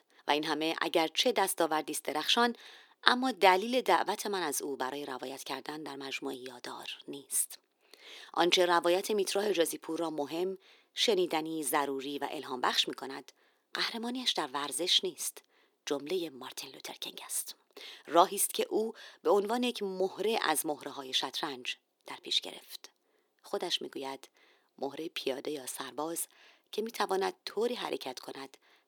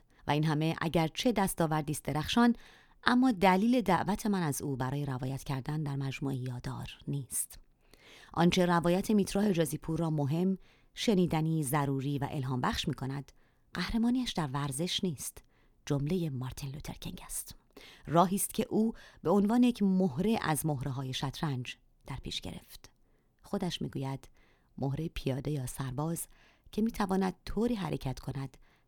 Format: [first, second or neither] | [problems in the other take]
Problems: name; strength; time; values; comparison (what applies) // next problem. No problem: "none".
second | thin; somewhat; fading below 350 Hz